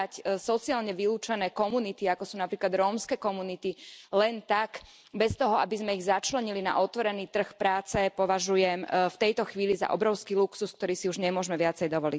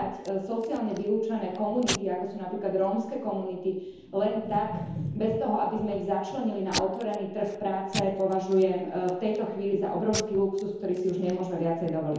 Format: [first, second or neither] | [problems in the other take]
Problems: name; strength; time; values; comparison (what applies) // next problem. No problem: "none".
first | background sound (Packing tape, duct tape / Tearing); 12 dB below the speech // room echo; dies away in 1 s